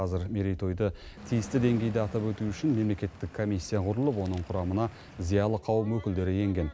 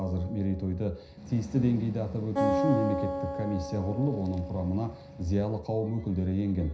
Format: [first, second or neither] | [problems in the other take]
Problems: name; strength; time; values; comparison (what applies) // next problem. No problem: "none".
first | background sound (Acoustic guitar); 6 dB below the speech // room echo; dies away in 0.5 s